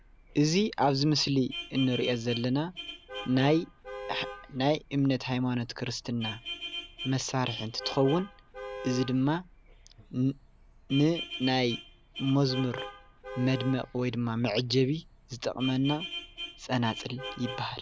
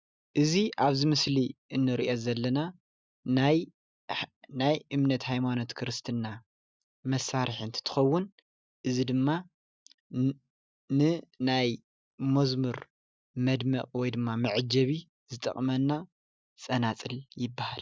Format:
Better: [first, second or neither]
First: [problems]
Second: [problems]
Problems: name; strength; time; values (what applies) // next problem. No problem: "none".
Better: second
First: background sound (Vehicle horn, car horn, honking); 13 dB below the speech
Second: none